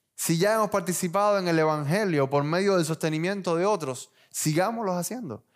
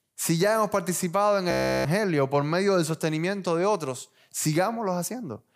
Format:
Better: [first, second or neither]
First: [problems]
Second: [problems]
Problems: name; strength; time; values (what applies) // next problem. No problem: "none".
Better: first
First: none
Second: audio freezing; at 1.5 s